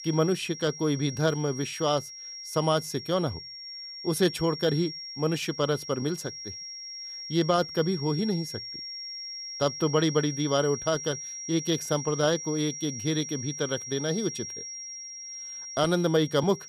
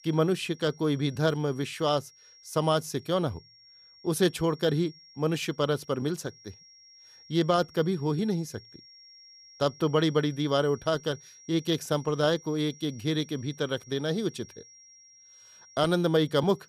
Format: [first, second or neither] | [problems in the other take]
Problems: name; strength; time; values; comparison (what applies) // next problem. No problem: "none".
second | high-pitched whine; loud; throughout; 5.5 kHz, 9 dB below the speech; faint in the second